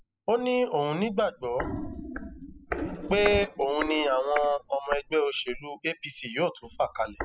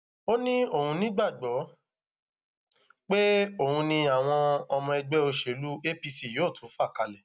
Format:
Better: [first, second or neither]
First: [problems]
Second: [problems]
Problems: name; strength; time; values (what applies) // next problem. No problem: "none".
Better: second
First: noise reduction (classical method spectral subtraction)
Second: none